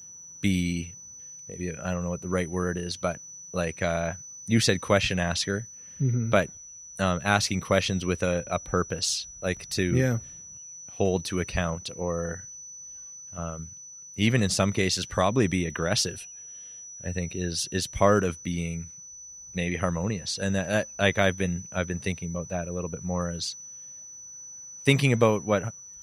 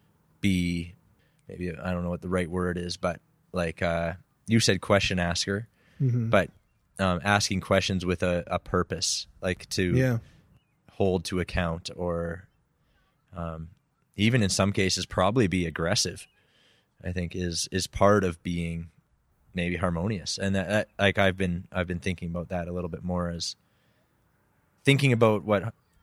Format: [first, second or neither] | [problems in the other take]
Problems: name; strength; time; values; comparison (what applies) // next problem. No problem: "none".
second | high-pitched whine; noticeable; throughout; 6 kHz, 15 dB below the speech